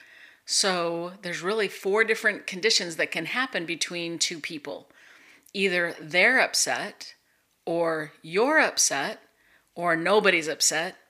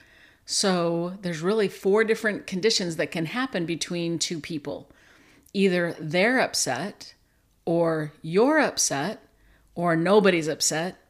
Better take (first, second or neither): second